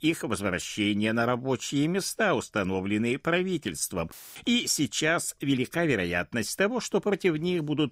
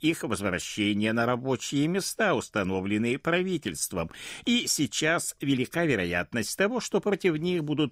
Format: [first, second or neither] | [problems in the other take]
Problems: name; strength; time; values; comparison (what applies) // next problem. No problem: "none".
second | audio cutting out; filled with static; at 4 s